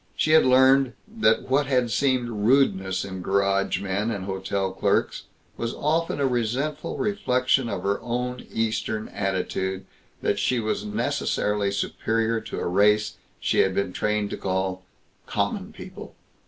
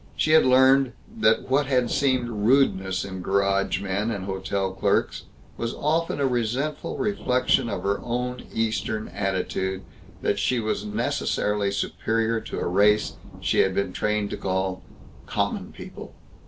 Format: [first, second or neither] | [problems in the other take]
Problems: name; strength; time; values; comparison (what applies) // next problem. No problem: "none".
first | background sound (Thunder); 17 dB below the speech